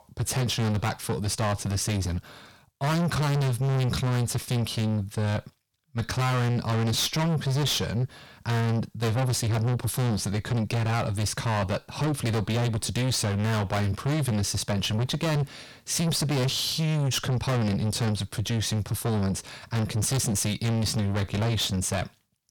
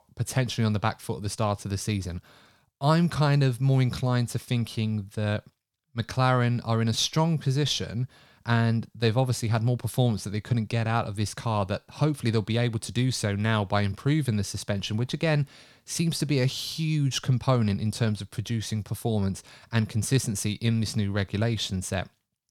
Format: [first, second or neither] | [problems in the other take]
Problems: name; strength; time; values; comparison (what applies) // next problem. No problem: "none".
second | distortion; heavy; 5 dB below the speech